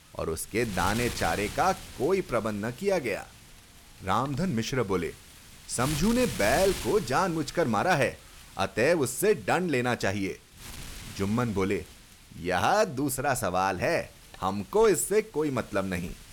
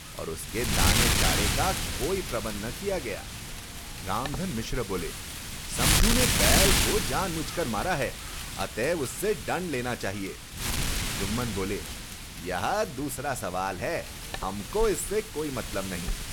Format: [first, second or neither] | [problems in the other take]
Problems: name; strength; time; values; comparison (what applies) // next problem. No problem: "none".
first | wind noise on the microphone; heavy; 2 dB above the speech; occasional gusts in the first